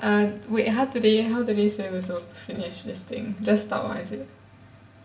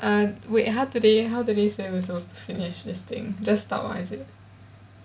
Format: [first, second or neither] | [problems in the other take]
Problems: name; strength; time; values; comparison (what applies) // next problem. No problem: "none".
second | room echo; dies away in 0.6 s